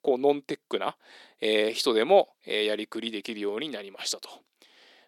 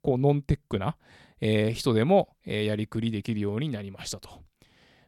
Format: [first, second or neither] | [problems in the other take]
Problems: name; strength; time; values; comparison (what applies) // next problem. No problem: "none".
second | thin; somewhat; fading below 300 Hz